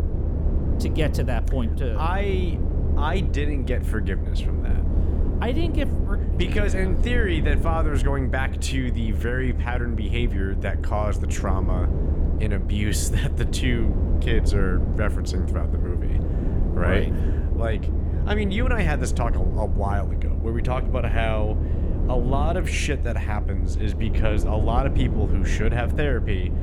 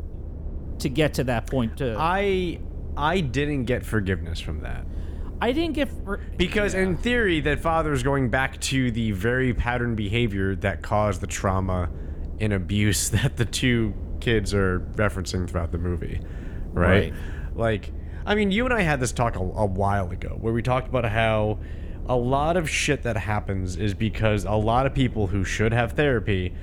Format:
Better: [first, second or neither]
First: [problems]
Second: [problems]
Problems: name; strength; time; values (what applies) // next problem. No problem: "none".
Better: second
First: low rumble; loud; throughout; 8 dB below the speech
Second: low rumble; faint; throughout; 20 dB below the speech